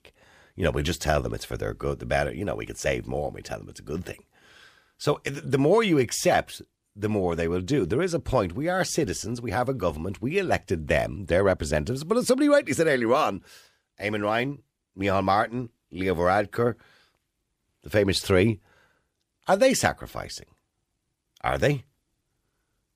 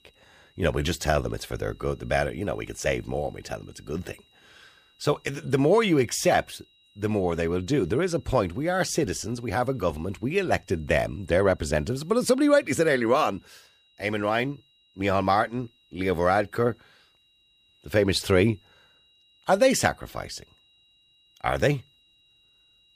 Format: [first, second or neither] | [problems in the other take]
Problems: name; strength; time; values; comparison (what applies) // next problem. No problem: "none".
first | high-pitched whine; faint; throughout; 4 kHz, 35 dB below the speech